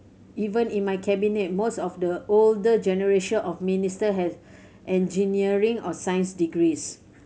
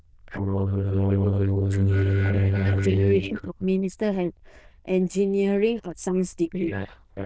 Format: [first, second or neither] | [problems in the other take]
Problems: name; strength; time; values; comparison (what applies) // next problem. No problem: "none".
first | noise reduction (neural diffusion model UNIVERSE++)